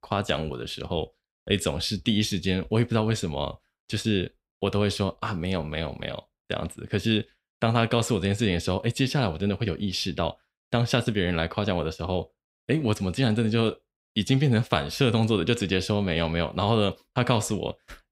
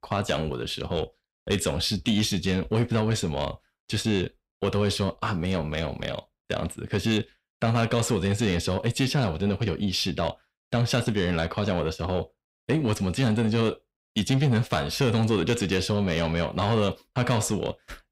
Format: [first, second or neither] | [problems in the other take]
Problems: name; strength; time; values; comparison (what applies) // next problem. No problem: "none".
first | distortion; slight; 10 dB below the speech